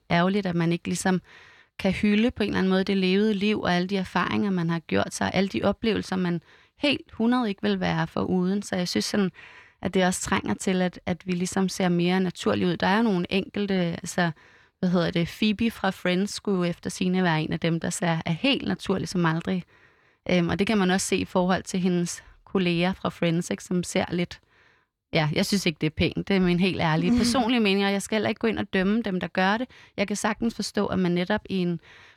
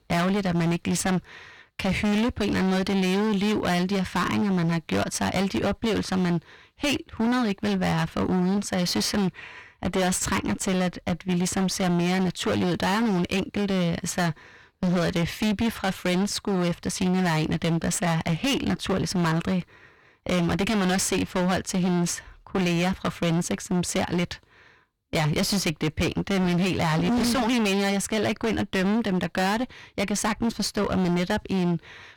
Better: first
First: none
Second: distortion; heavy; 29% of the sound clipped

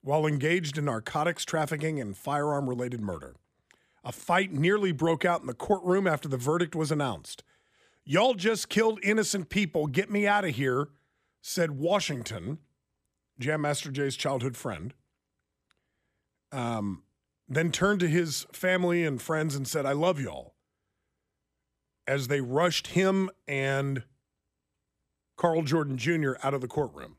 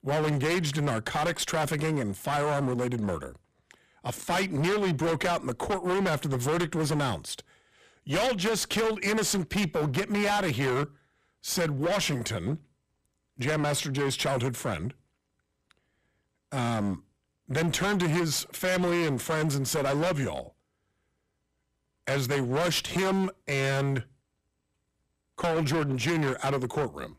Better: first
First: none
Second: distortion; heavy; 23% of the sound clipped

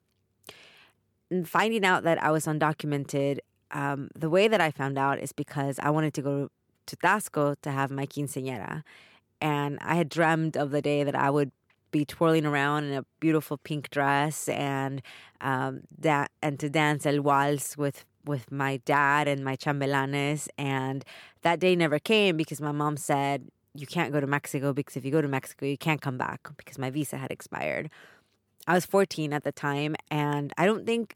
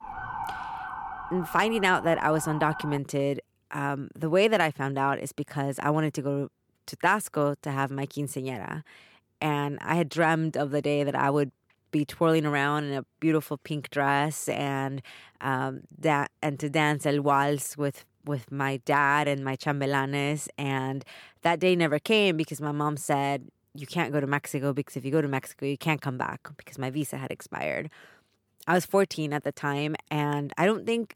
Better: first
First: none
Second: siren; noticeable; until 3 s; peak 7 dB below the speech

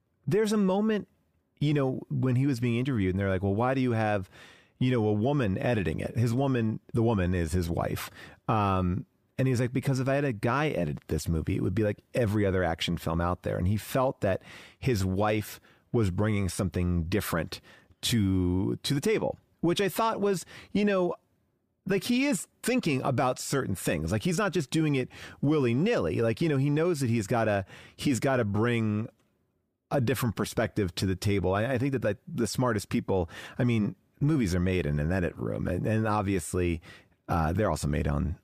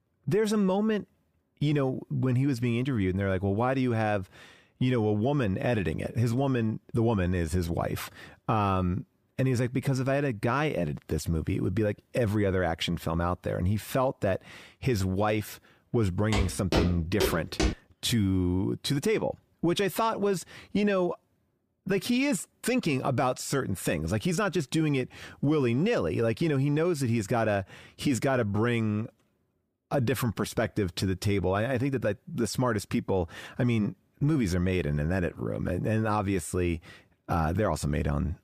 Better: first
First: none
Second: footsteps; noticeable; from 16 to 18 s; peak level with the speech

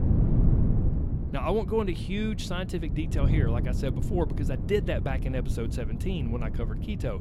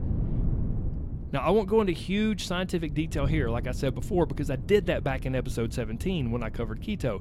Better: second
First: wind noise on the microphone; heavy; 7 dB below the speech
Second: wind noise on the microphone; occasional gusts; 15 dB below the speech

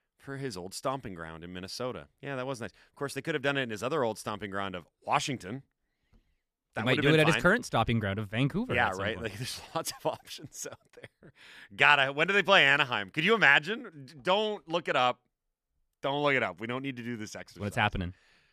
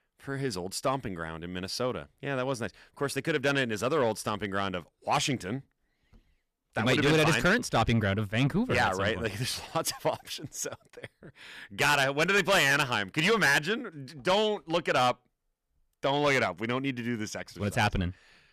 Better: first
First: none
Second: distortion; heavy; 6 dB below the speech

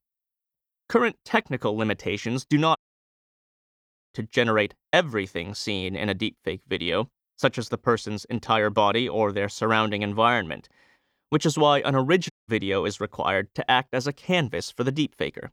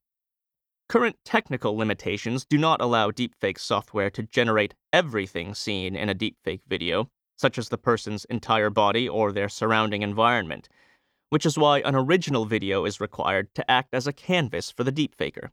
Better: second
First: audio cutting out; at 3 s for 1.5 s and at 12 s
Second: none

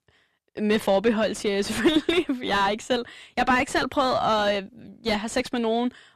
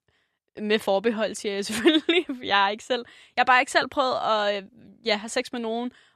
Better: second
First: distortion; heavy; 6 dB below the speech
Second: none

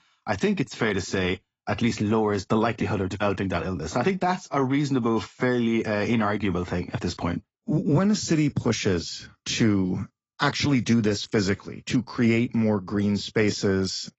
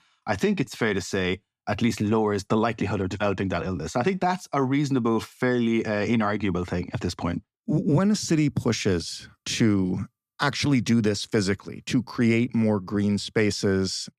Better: second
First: garbled, watery; badly; nothing above 7.5 kHz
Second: none

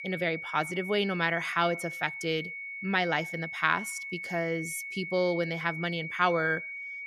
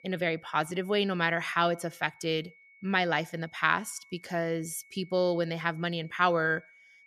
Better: second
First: high-pitched whine; loud; throughout; 2 kHz, 7 dB below the speech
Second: high-pitched whine; faint; throughout; 2 kHz, 25 dB below the speech

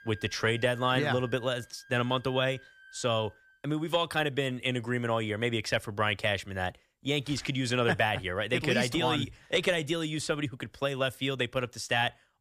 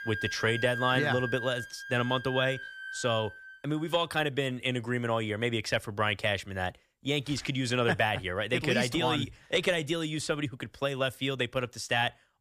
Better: first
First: background music; faint; until 3.5 s; 20 dB below the speech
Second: background music; loud; until 3.5 s; 7 dB below the speech

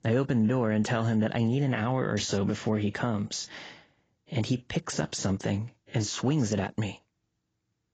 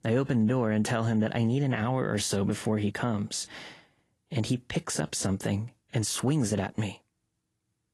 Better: second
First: garbled, watery; badly; nothing above 7.5 kHz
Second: garbled, watery; slightly; nothing above 11.5 kHz

